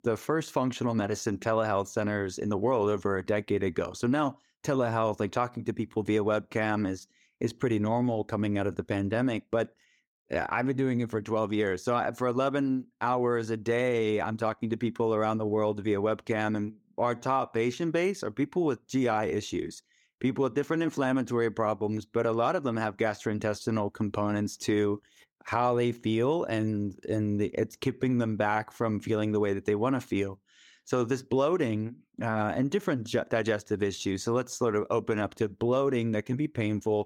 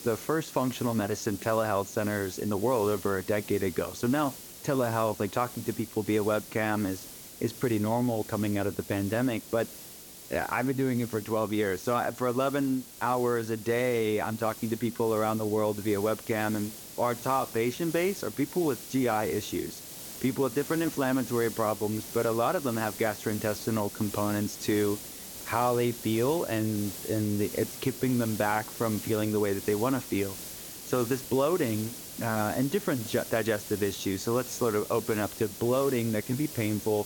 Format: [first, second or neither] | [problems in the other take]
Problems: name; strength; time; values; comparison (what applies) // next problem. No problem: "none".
first | hiss; noticeable; throughout; 10 dB below the speech